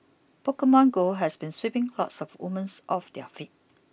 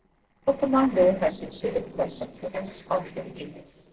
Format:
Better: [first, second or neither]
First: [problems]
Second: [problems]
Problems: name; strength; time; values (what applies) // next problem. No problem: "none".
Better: first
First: none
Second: noise reduction (neural separator model SepFormer DNS4)